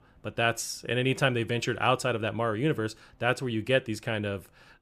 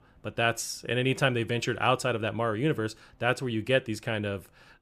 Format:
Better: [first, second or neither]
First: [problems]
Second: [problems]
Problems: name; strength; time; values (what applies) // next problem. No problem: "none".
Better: neither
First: none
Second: none